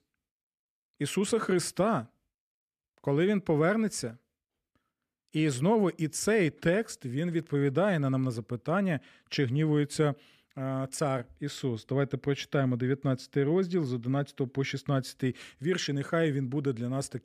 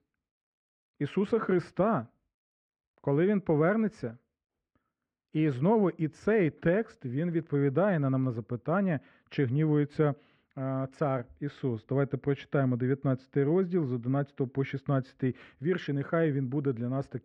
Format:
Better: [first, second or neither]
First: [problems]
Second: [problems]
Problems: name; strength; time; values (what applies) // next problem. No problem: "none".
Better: first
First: none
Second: muffled; very; fading above 2 kHz